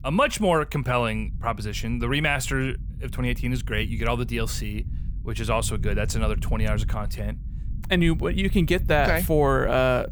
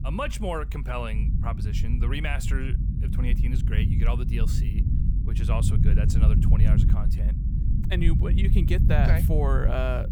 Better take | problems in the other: first | low rumble; loud; throughout; 5 dB below the speech; faint in the first

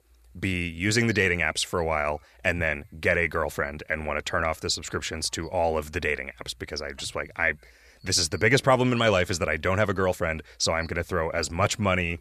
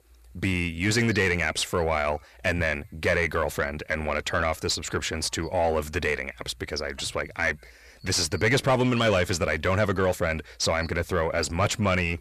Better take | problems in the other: first | distortion; slight; 10 dB below the speech

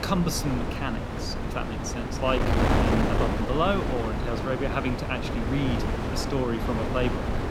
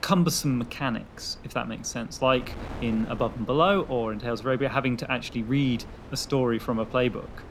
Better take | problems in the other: second | wind noise on the microphone; heavy; as loud as the speech; occasional gusts in the second

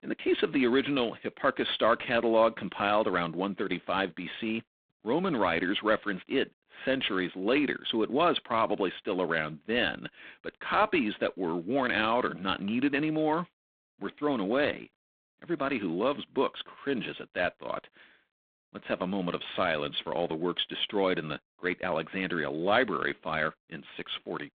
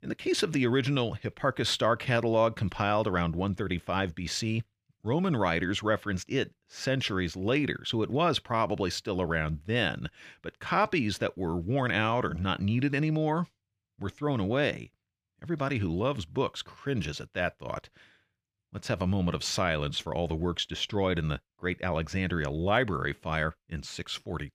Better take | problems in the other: second | phone-call audio; poor line

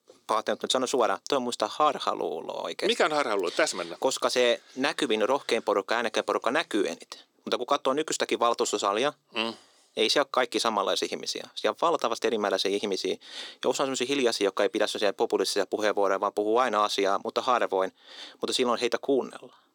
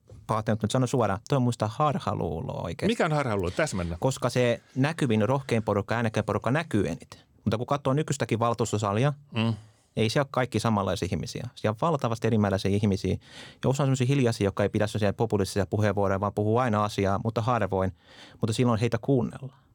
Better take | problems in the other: second | thin; somewhat; fading below 300 Hz

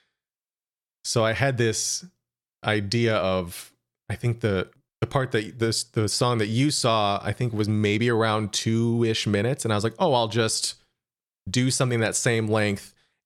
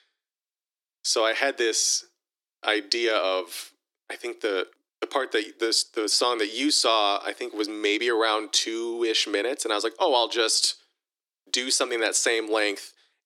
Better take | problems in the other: first | thin; very; fading below 300 Hz

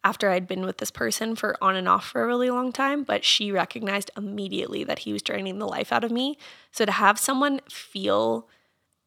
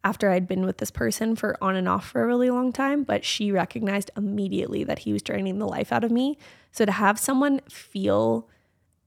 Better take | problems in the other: second | thin; very slightly; fading below 400 Hz

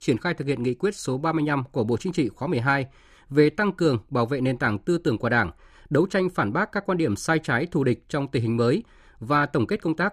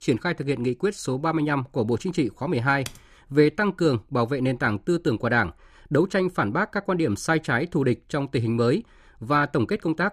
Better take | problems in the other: first | keyboard typing; faint; at 3 s; peak 15 dB below the speech

